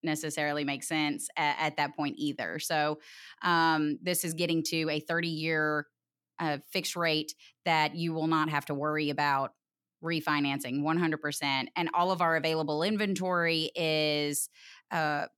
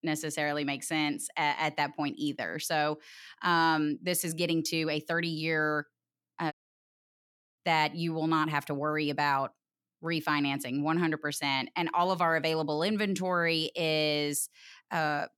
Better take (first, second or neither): first